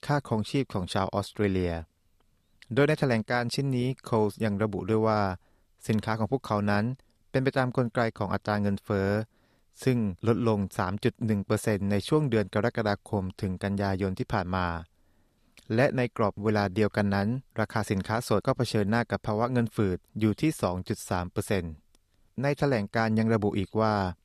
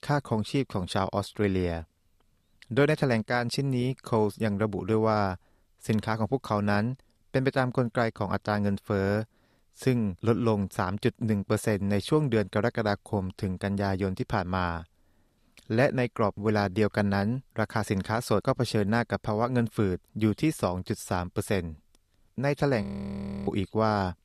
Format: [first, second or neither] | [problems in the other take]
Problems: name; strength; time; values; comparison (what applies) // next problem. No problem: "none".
first | audio freezing; at 23 s for 0.5 s